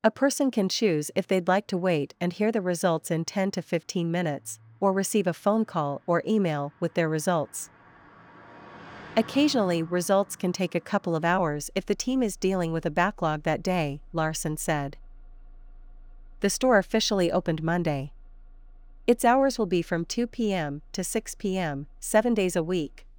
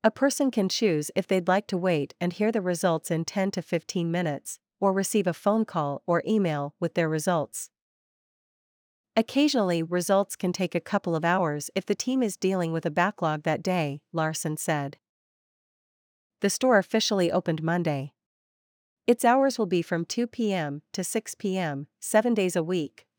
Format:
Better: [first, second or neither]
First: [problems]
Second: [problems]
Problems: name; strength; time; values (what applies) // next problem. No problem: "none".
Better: second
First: traffic noise; faint; throughout; 25 dB below the speech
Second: none